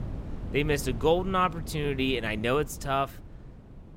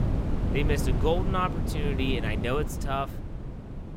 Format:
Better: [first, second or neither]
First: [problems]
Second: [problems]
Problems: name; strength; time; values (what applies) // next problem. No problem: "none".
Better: first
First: wind noise on the microphone; occasional gusts; 20 dB below the speech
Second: wind noise on the microphone; heavy; 8 dB below the speech